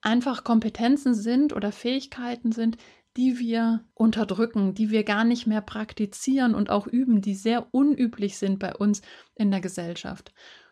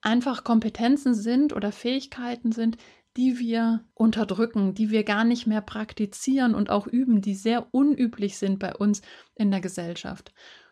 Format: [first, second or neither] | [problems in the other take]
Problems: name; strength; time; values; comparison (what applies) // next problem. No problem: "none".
neither | none